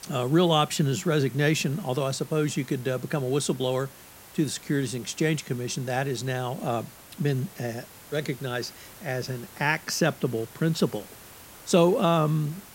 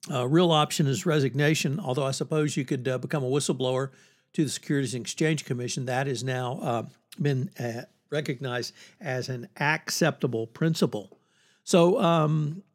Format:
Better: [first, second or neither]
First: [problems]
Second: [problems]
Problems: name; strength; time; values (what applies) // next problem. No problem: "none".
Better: second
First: hiss; noticeable; throughout; 20 dB below the speech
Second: none